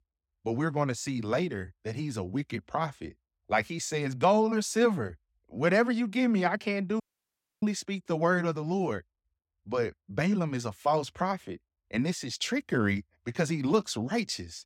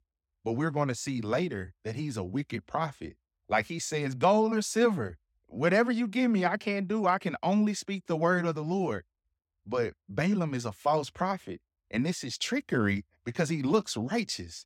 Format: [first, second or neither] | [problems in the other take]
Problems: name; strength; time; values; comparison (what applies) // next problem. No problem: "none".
second | audio cutting out; at 7 s for 0.5 s